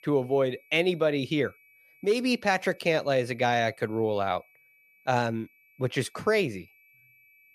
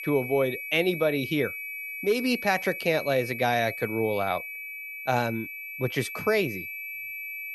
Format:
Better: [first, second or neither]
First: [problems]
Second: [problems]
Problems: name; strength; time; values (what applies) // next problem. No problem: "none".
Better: first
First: high-pitched whine; faint; throughout; 2.5 kHz, 30 dB below the speech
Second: high-pitched whine; loud; throughout; 2.5 kHz, 7 dB below the speech